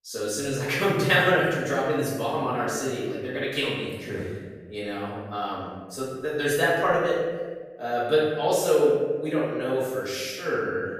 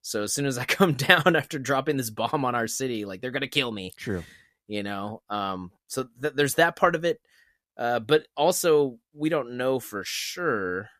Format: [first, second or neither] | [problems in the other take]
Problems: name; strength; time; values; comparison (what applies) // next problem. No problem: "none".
second | room echo; strong; dies away in 1.3 s // off-mic speech; far